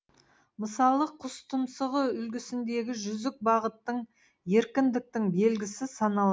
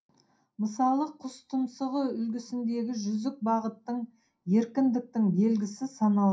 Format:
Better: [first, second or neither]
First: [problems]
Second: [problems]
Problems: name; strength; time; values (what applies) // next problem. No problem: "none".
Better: first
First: none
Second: room echo; dies away in 0.3 s